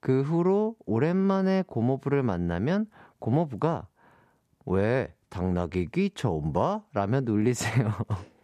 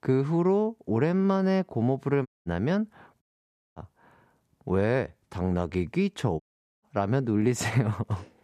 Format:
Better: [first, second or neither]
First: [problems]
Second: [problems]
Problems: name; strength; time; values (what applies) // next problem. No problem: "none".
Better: first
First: none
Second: audio cutting out; at 2.5 s, at 3 s for 0.5 s and at 6.5 s